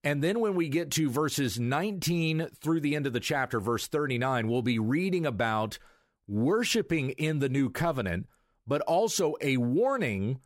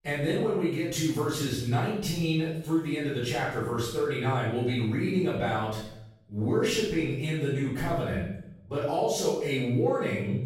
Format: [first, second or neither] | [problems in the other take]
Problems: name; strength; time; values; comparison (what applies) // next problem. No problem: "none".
first | off-mic speech; far // room echo; strong; dies away in 0.7 s